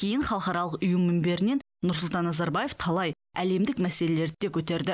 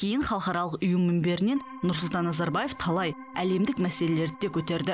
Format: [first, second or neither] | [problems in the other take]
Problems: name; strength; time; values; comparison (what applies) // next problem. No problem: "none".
first | background sound (Organ); 16 dB below the speech